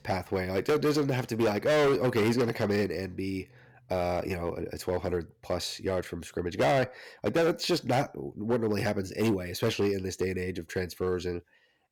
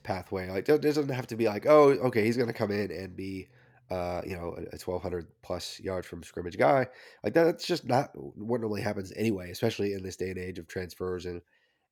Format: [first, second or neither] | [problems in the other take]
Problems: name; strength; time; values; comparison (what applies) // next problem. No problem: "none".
second | distortion; heavy; 9% of the sound clipped